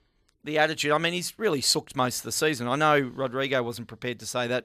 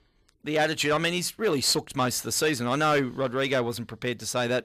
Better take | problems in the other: first | distortion; slight; 10 dB below the speech

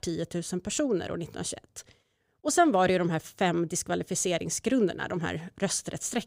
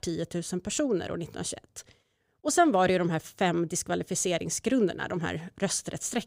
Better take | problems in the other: neither | none

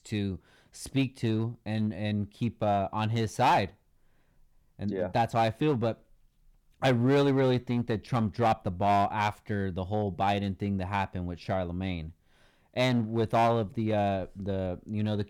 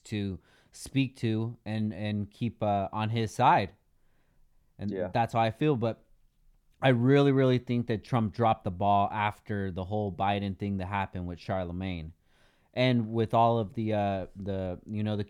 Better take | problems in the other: second | distortion; slight; 4% of the sound clipped

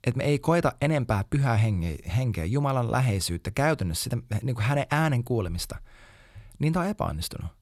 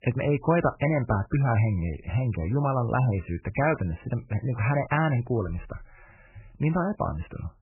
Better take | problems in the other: first | garbled, watery; badly; nothing above 3 kHz

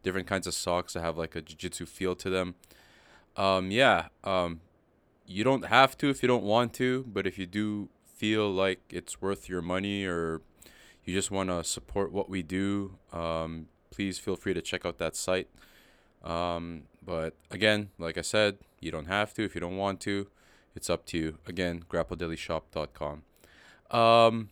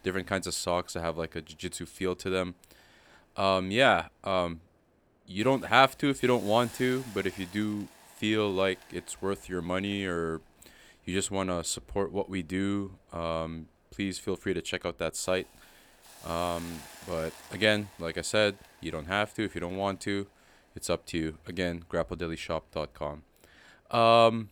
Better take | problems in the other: first | hiss; faint; throughout; 20 dB below the speech

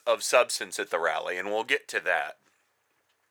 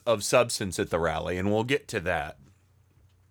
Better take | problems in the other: second | thin; very; fading below 600 Hz

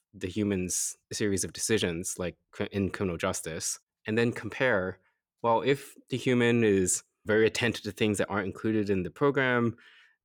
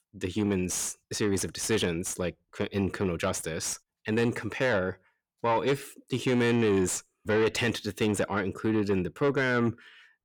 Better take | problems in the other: first | distortion; slight; 10 dB below the speech

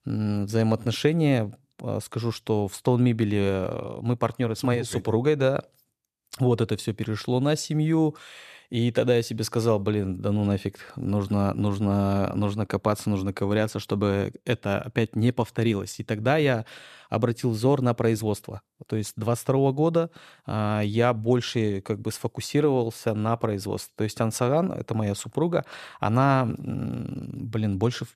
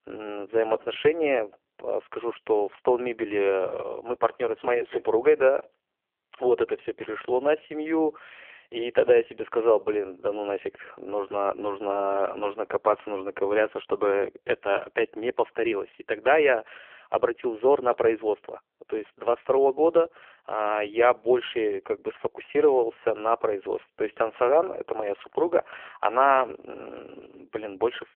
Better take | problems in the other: first | phone-call audio; poor line

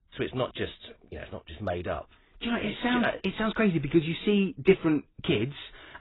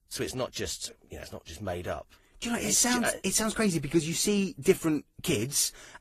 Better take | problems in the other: second | garbled, watery; badly; nothing above 4 kHz; slightly in the second

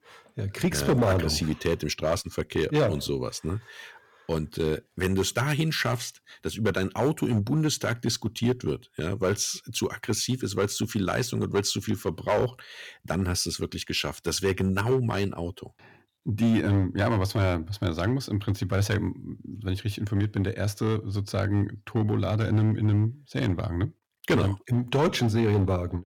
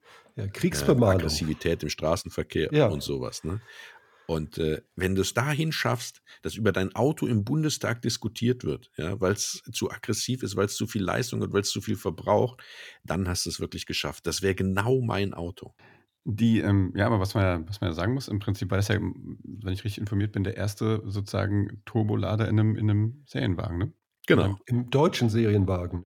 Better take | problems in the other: second | distortion; slight; 4% of the sound clipped

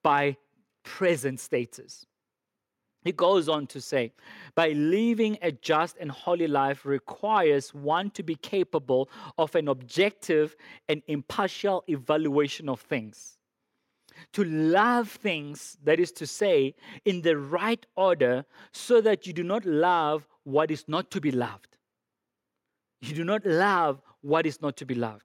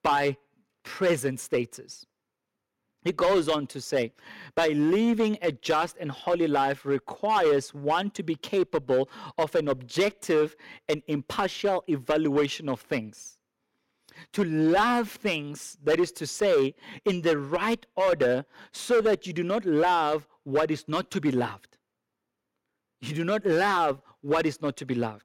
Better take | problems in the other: first | distortion; slight; 5% of the sound clipped

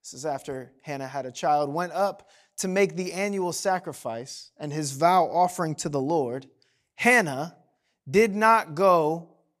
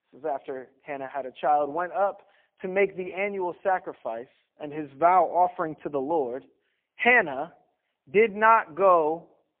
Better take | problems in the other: first | phone-call audio; poor line

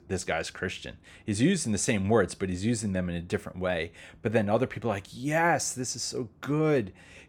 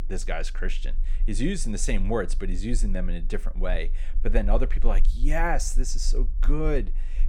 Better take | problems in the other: first | low rumble; faint; throughout; 25 dB below the speech

